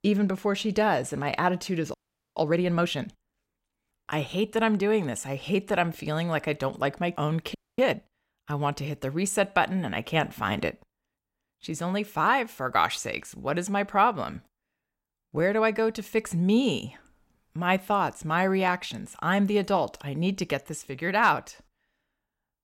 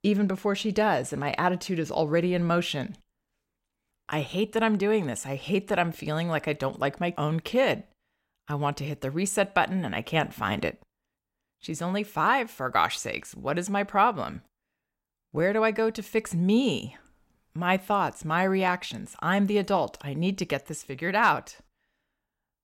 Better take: second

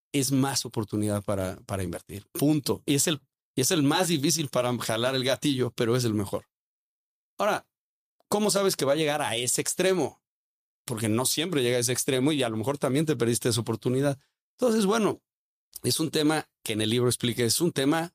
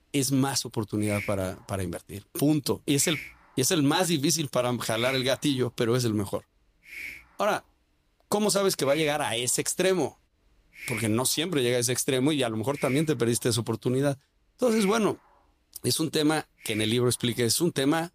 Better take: first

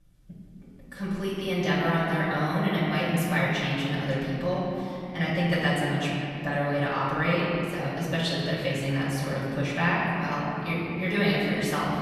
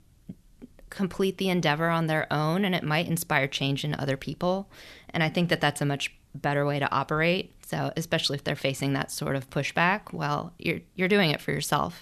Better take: second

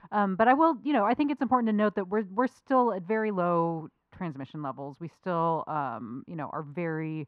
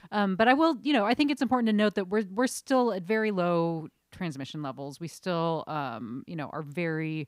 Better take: second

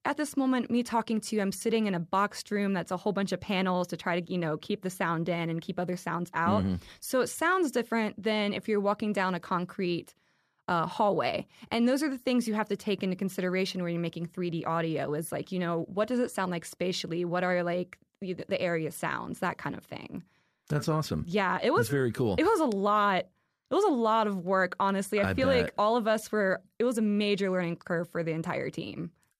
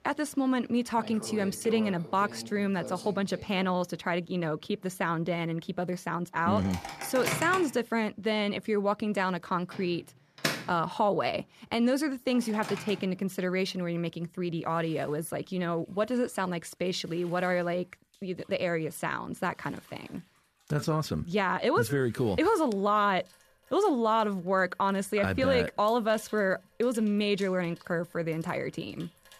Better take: first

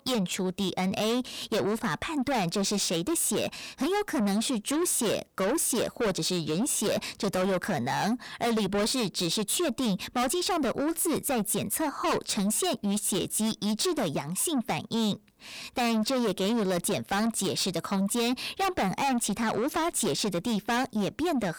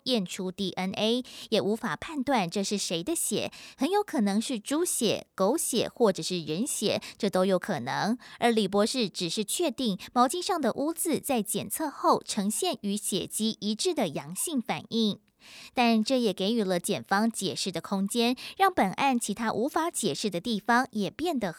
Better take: second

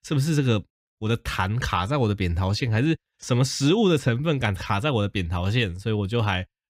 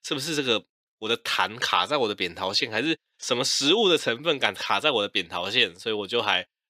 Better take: first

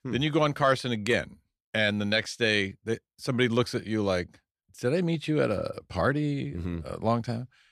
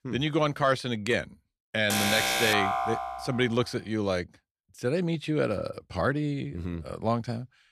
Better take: first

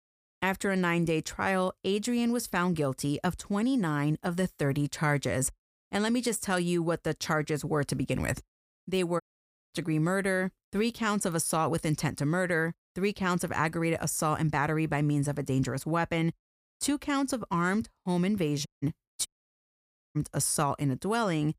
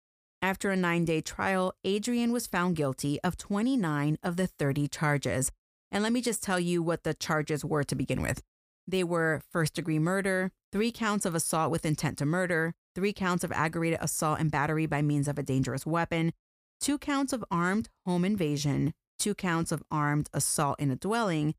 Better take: second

